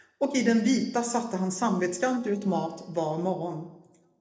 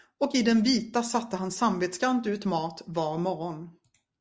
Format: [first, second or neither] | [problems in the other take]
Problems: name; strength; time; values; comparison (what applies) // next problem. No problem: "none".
second | noise reduction (neural separator model SepFormer DNS4)